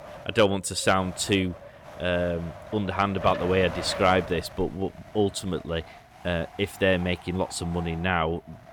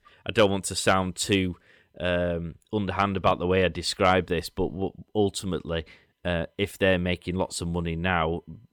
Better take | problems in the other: second | wind noise on the microphone; occasional gusts; 15 dB below the speech

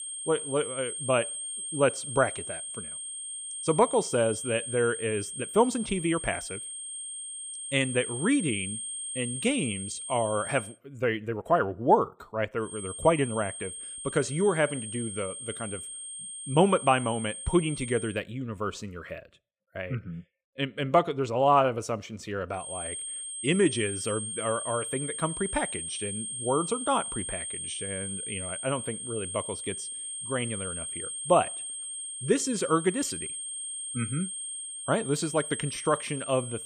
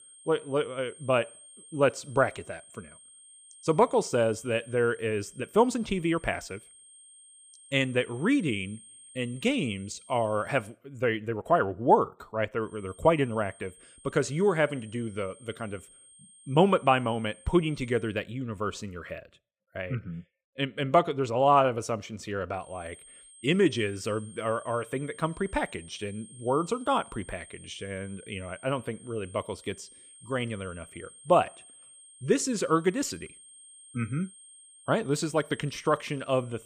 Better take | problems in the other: second | high-pitched whine; loud; until 11 s, from 13 to 18 s and from 23 s on; 8.5 kHz, 6 dB below the speech; faint in the second

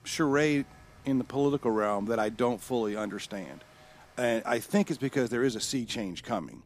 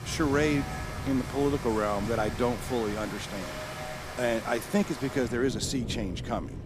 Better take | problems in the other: first | rain or running water; loud; throughout; 7 dB below the speech; faint in the first

